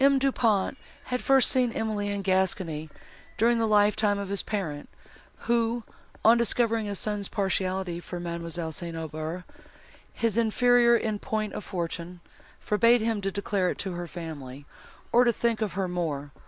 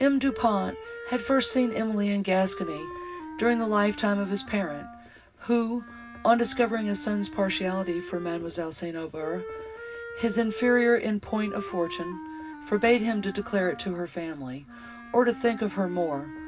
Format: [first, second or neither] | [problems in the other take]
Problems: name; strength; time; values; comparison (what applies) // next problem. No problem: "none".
first | background sound (Wind instrument, woodwind instrument); 13 dB below the speech // room echo; dies away in 0.4 s